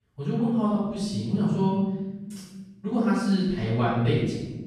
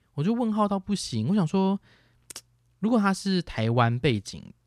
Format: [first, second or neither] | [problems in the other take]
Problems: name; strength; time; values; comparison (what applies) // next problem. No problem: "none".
second | off-mic speech; far // room echo; strong; dies away in 1.4 s